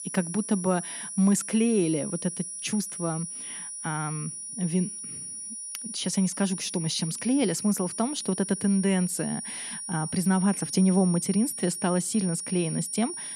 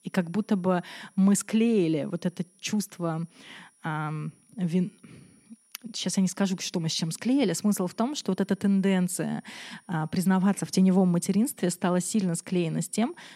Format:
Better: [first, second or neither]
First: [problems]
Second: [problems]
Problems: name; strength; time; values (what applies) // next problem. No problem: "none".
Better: second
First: high-pitched whine; loud; throughout; 9.5 kHz, 7 dB below the speech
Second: high-pitched whine; faint; throughout; 9.5 kHz, 35 dB below the speech